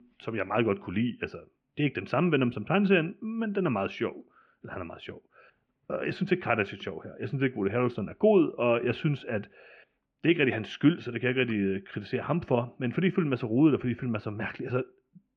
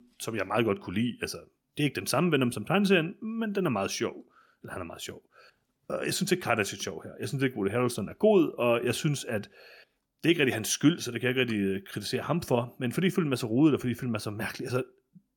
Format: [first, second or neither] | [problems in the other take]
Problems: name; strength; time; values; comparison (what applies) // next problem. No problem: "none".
second | muffled; very; fading above 2.5 kHz